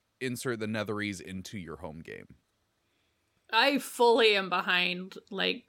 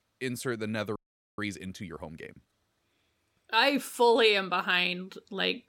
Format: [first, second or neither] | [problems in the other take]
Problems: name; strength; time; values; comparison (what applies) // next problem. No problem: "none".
first | audio freezing; at 1 s